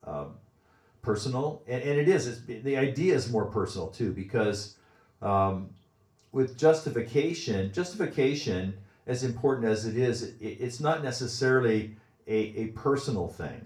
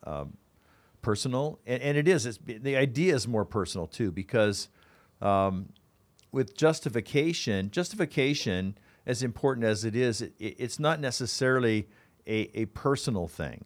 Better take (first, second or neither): second